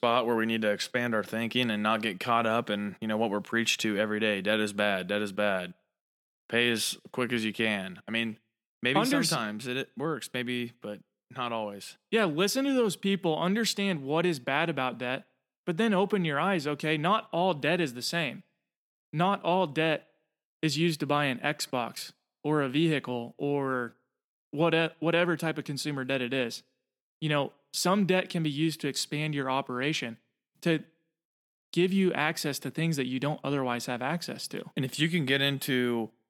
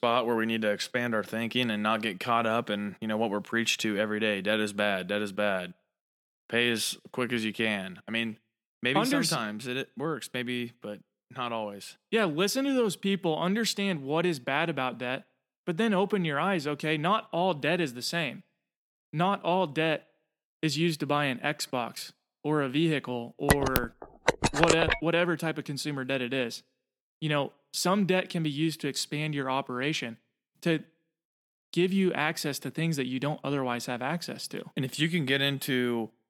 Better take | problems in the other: first | phone ringing; loud; from 23 to 25 s; peak 4 dB above the speech

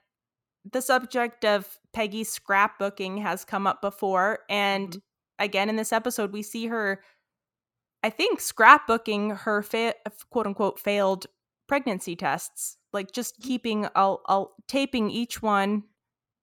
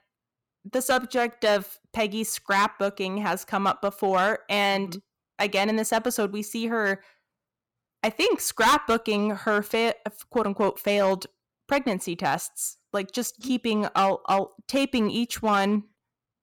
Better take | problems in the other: first | distortion; heavy; 4% of the sound clipped

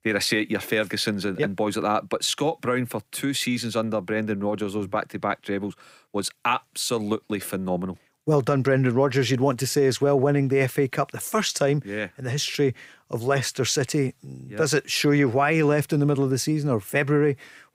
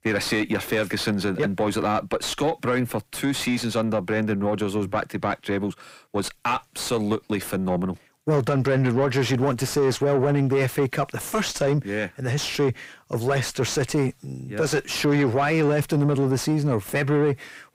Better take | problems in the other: first | distortion; slight; 10 dB below the speech

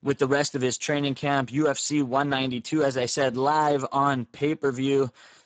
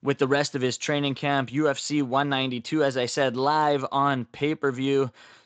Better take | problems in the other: second | garbled, watery; badly; nothing above 7.5 kHz; slightly in the second

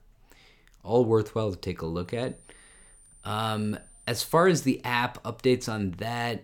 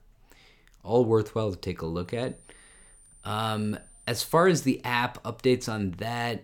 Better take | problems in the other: neither | high-pitched whine; faint; from 2 to 4.5 s; 9 kHz, 25 dB below the speech; the same in both

